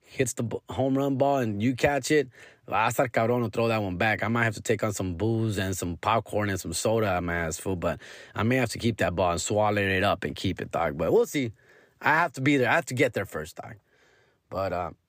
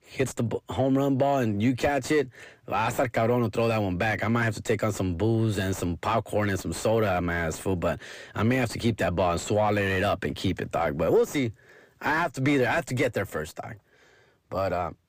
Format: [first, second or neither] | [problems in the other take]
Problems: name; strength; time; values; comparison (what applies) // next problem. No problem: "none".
first | distortion; slight; 10 dB below the speech